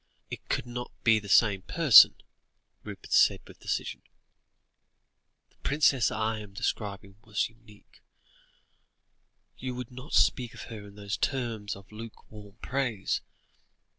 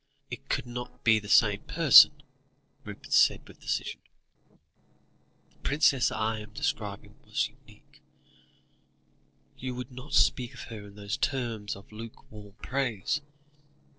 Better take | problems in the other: first | noise reduction (neural separator model SepFormer DNS4)

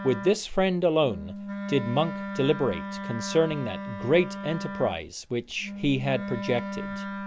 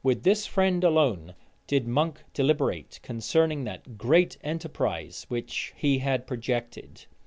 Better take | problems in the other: second | background sound (Wind instrument, woodwind instrument); 8 dB below the speech

